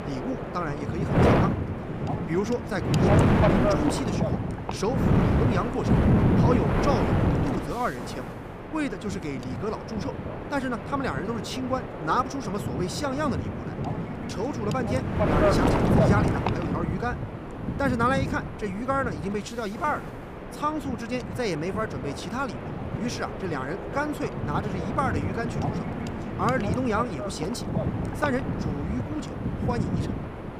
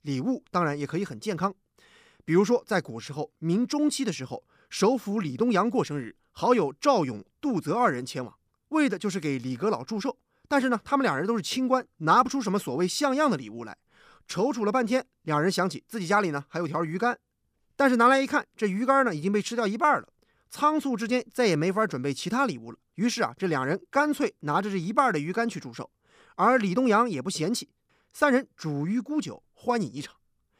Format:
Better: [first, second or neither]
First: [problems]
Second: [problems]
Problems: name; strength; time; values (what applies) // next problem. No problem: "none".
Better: second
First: wind noise on the microphone; heavy; 1 dB below the speech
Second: none